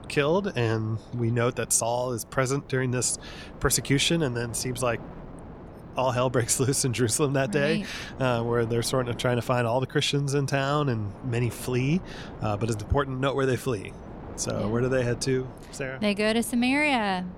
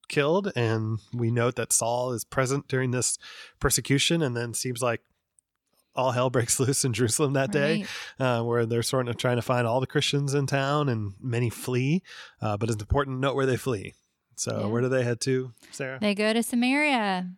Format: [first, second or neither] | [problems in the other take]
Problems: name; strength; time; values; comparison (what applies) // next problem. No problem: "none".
second | wind noise on the microphone; occasional gusts; 20 dB below the speech